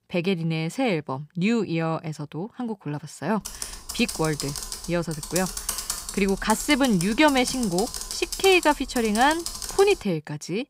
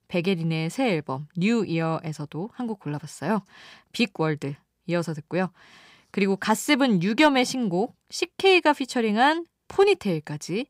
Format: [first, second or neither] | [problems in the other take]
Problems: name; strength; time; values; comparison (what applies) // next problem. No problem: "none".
second | keyboard typing; noticeable; from 3.5 to 10 s; peak 3 dB below the speech